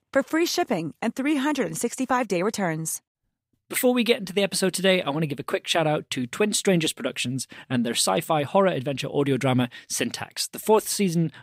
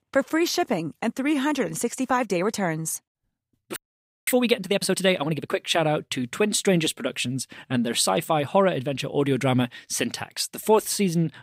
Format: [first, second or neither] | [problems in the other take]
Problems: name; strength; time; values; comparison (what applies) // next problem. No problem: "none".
first | audio freezing; at 4 s for 0.5 s